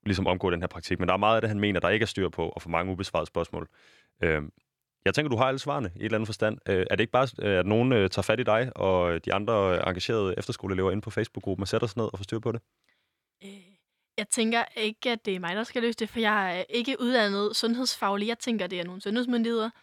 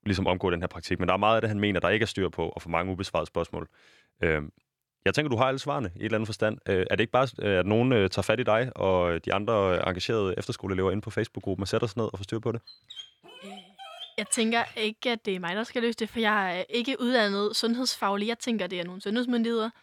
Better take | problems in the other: first | dog barking; faint; from 13 to 15 s; peak 15 dB below the speech

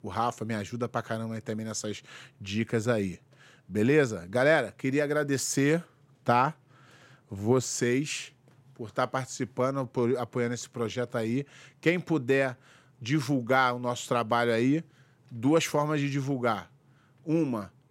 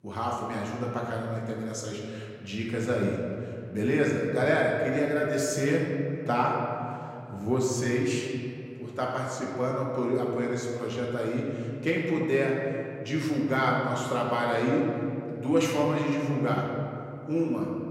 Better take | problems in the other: first | room echo; noticeable; dies away in 2.4 s // off-mic speech; somewhat distant

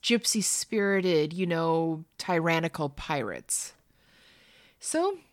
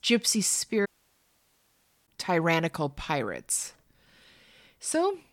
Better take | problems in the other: first | audio cutting out; at 1 s for 1 s

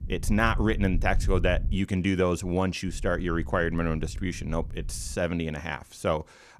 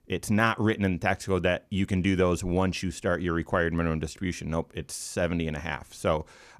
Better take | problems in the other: second | low rumble; faint; until 2 s and from 3 to 5 s; 20 dB below the speech

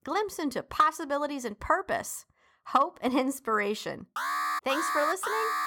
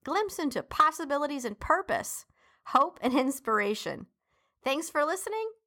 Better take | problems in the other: second | alarm; loud; from 4 s on; peak level with the speech

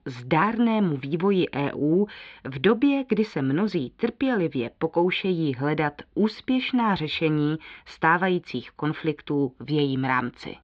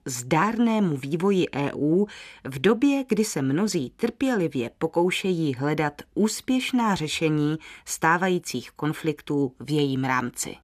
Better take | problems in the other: second | muffled; slightly; fading above 4 kHz

